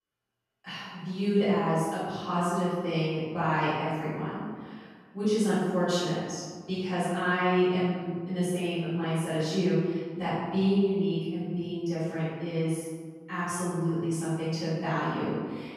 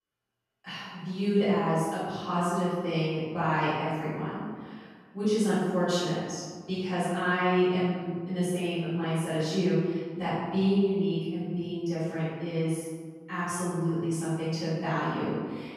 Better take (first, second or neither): neither